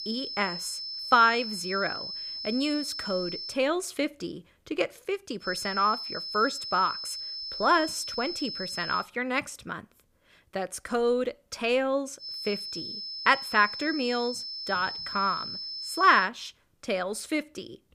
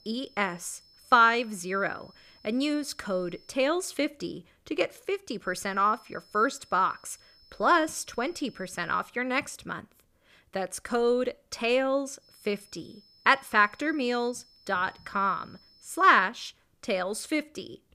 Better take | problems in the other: second | high-pitched whine; loud; until 3.5 s, from 5.5 to 9 s and from 12 to 16 s; 5.5 kHz, 6 dB below the speech; faint in the second

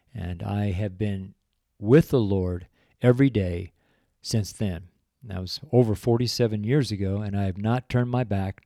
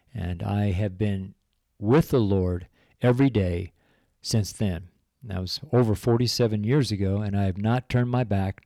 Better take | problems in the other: first | distortion; slight; 10 dB below the speech

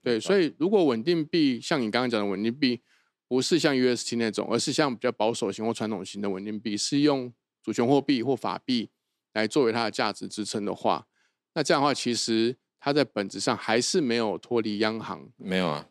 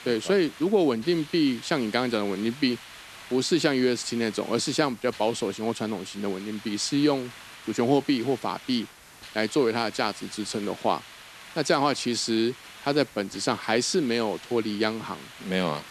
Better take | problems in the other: first | hiss; noticeable; throughout; 15 dB below the speech

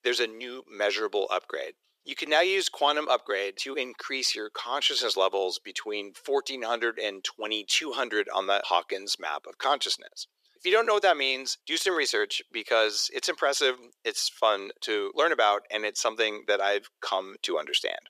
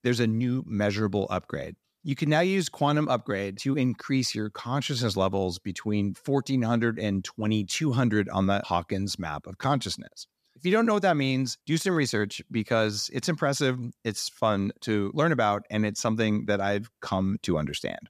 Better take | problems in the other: second | thin; very; fading below 400 Hz

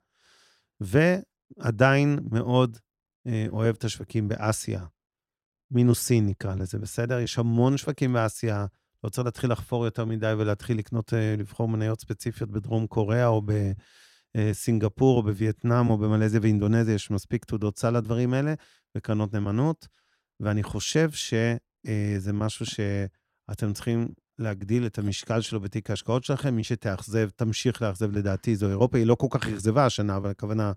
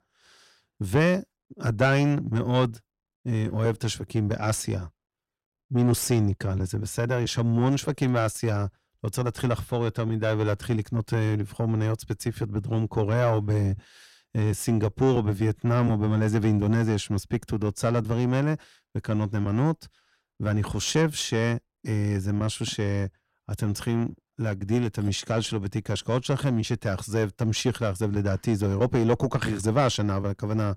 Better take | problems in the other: first | distortion; slight; 10 dB below the speech

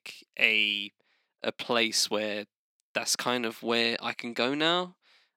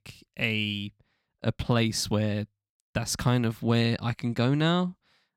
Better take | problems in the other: second | thin; somewhat; fading below 300 Hz

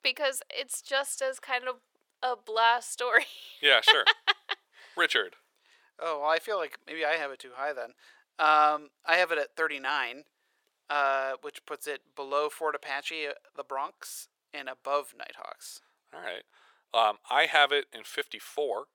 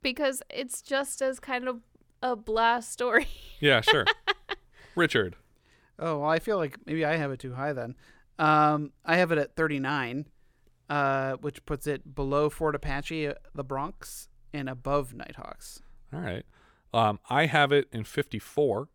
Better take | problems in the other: second | thin; very; fading below 550 Hz

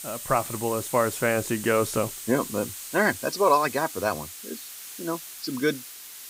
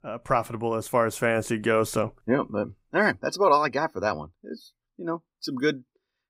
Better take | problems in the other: second | hiss; loud; throughout; 10 dB below the speech

